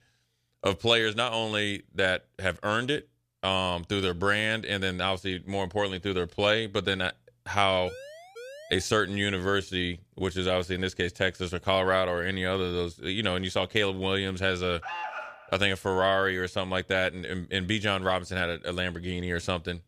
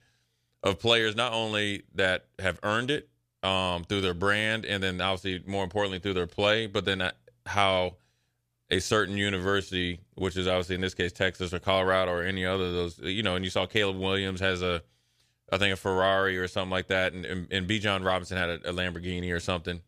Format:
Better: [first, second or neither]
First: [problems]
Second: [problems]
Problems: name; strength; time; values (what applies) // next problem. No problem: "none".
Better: second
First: siren; faint; at 8 s; peak 15 dB below the speech // alarm; noticeable; at 15 s; peak 7 dB below the speech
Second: none